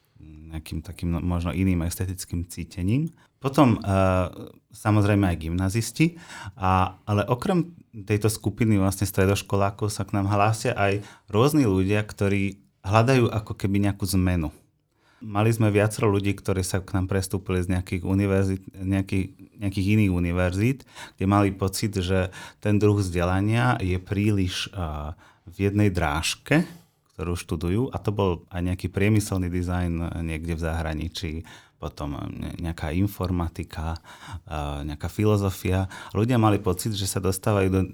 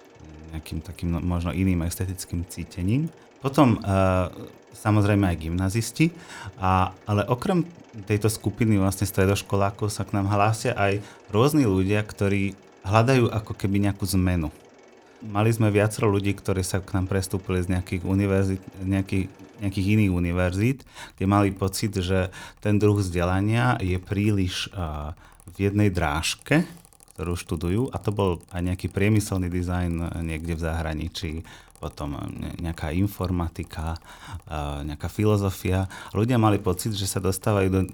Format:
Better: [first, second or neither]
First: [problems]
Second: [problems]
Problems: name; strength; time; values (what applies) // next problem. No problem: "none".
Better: first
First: none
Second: machinery noise; faint; throughout; 25 dB below the speech